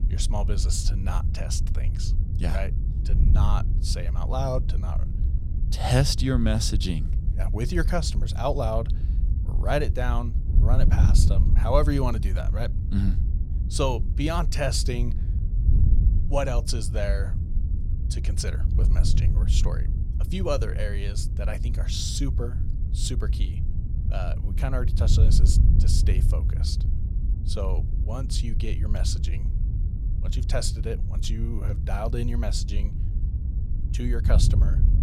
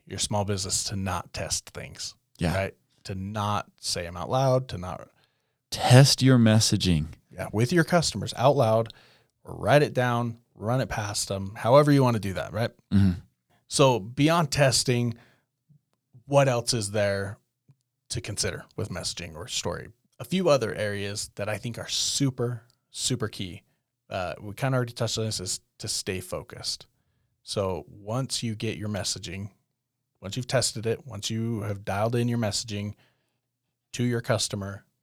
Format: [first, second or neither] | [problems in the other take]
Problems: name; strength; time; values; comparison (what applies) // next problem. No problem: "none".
second | wind noise on the microphone; occasional gusts; 10 dB below the speech